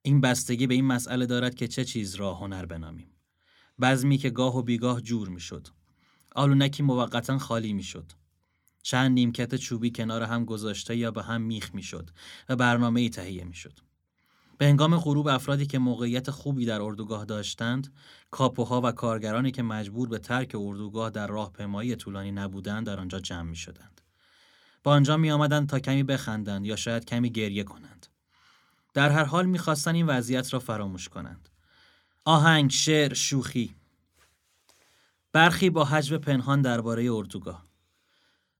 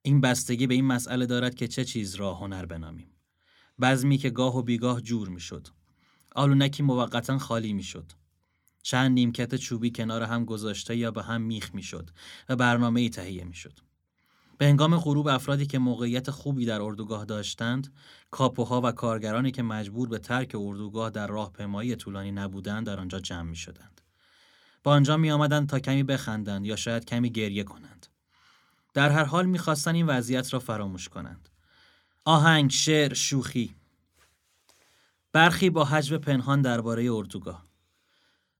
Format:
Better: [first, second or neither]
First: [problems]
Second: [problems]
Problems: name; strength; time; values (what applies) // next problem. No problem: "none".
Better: neither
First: none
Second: none